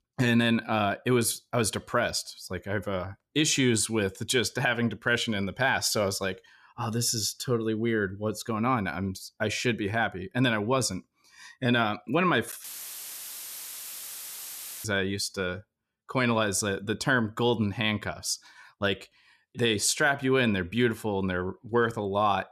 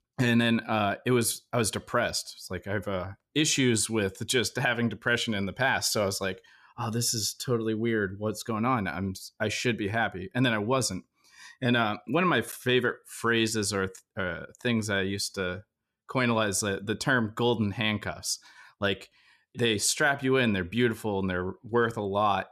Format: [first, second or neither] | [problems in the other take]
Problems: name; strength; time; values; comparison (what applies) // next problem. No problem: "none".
second | audio cutting out; filled with static; at 13 s for 2 s